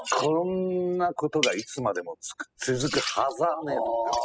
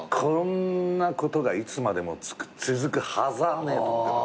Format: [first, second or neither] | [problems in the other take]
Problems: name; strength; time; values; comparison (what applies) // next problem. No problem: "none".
second | noise reduction (classical method spectral subtraction)